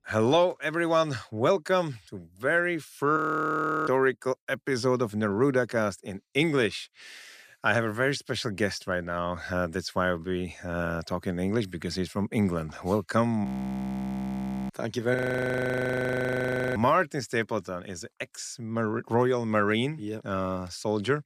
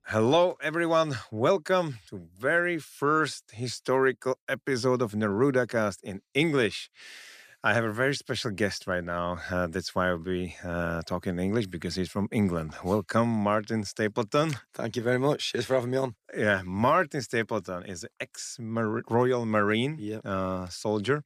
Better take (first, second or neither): second